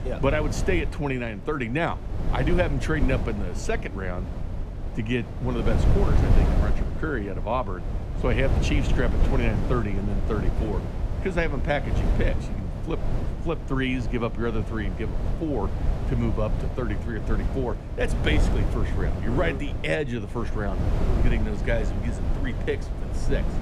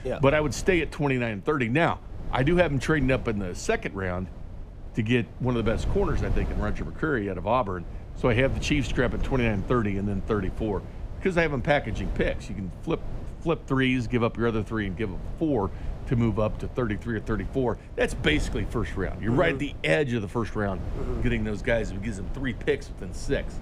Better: second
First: wind noise on the microphone; heavy; 7 dB below the speech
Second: wind noise on the microphone; occasional gusts; 20 dB below the speech

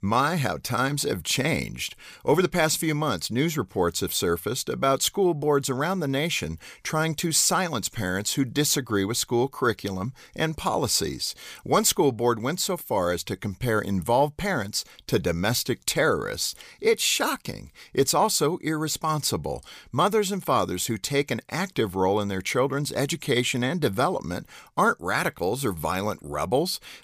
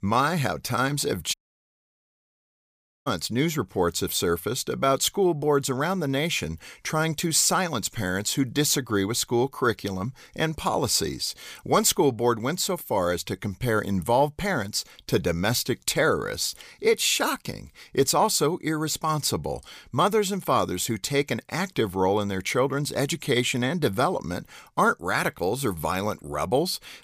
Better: first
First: none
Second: audio cutting out; at 1.5 s for 1.5 s

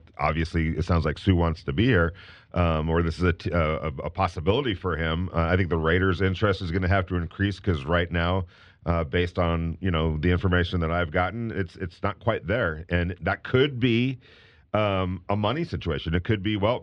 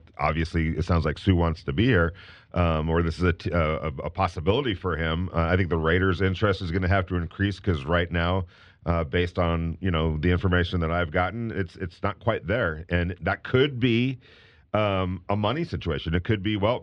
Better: neither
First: muffled; slightly; fading above 2.5 kHz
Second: muffled; slightly; fading above 2.5 kHz

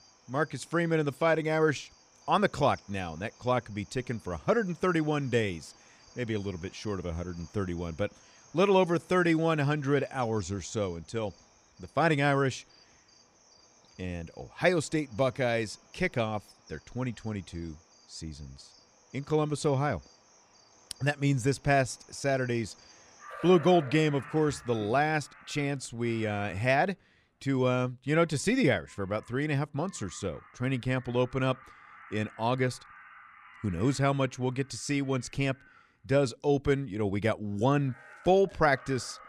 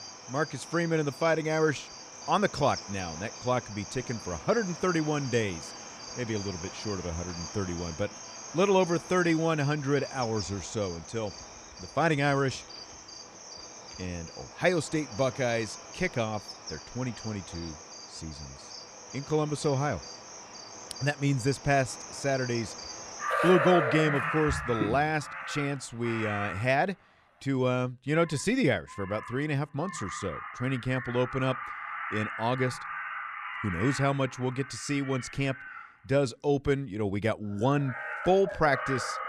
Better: first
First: animal sounds; faint; throughout; 25 dB below the speech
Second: animal sounds; loud; throughout; 8 dB below the speech

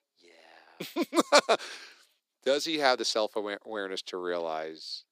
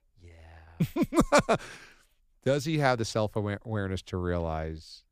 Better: second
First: thin; somewhat; fading below 300 Hz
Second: none

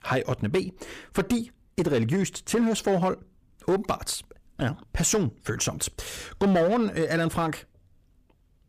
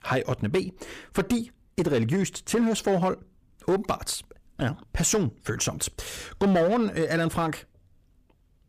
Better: neither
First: distortion; slight; 6% of the sound clipped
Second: distortion; slight; 6% of the sound clipped

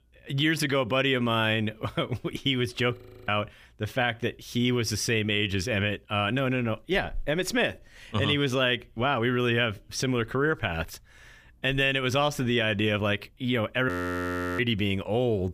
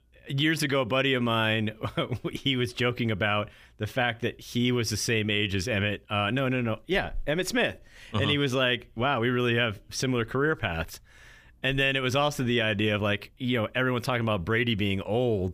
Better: second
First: audio freezing; at 3 s and at 14 s for 0.5 s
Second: none

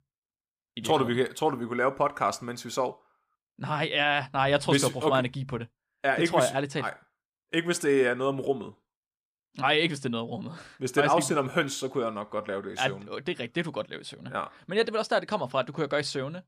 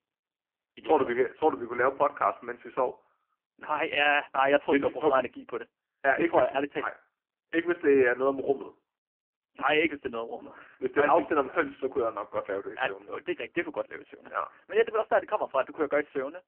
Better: first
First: none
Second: phone-call audio; poor line; nothing above 3 kHz

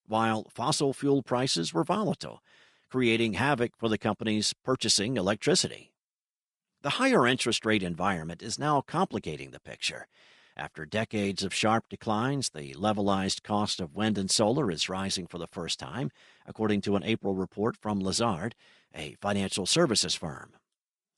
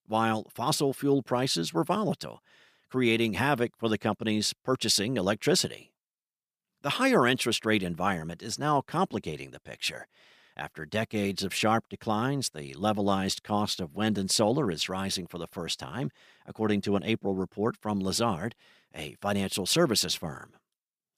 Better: second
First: garbled, watery; slightly; nothing above 10.5 kHz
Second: none

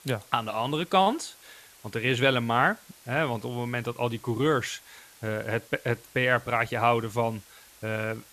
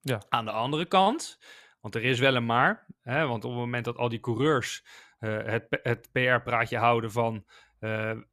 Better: second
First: hiss; faint; throughout; 25 dB below the speech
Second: none

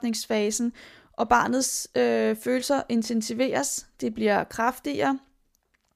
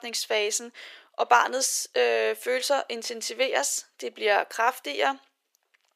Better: first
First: none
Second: thin; very; fading below 400 Hz

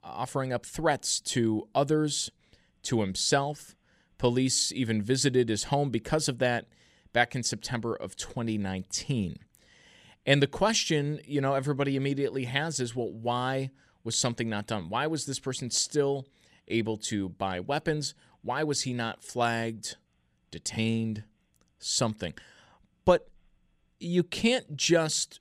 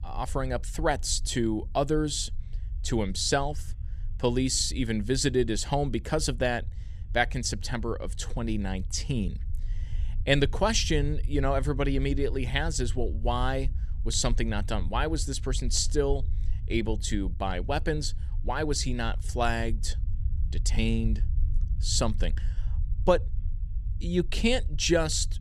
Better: first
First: none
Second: low rumble; faint; throughout; 25 dB below the speech

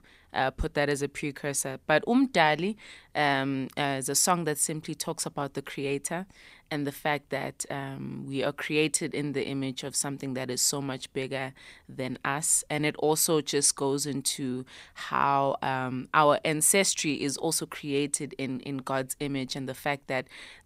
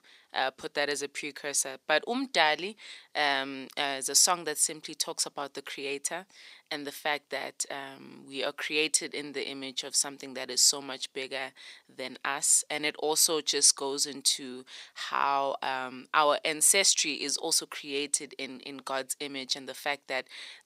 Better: first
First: none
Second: thin; somewhat; fading below 400 Hz

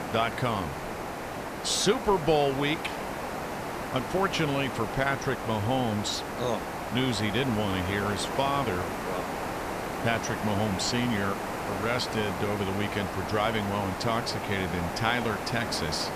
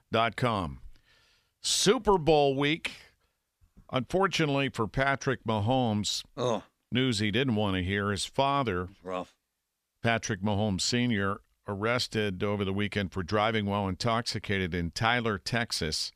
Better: second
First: hiss; loud; throughout; 4 dB below the speech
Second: none

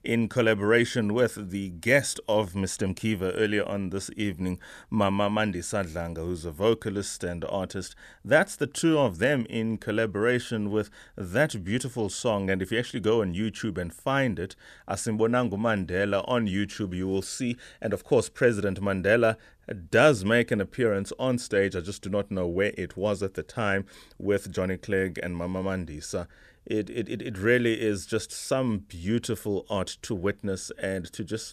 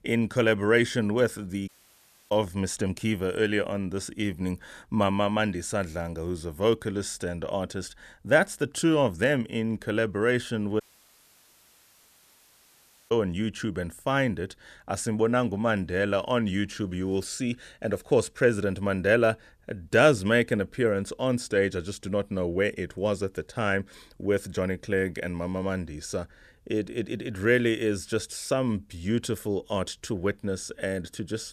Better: first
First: none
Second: audio cutting out; at 1.5 s for 0.5 s and at 11 s for 2.5 s

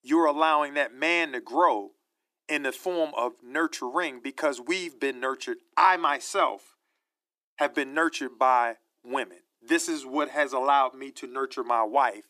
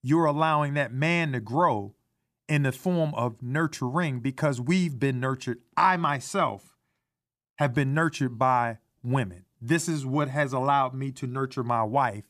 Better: second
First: thin; somewhat; fading below 300 Hz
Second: none

